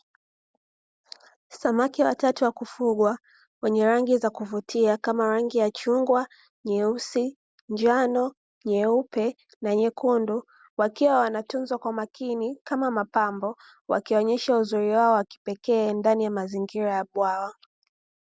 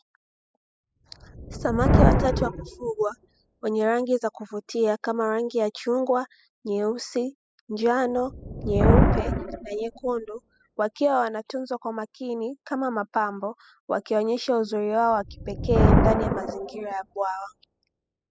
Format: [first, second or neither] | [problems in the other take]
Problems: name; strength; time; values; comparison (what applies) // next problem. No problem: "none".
first | noise reduction (classical method spectral subtraction)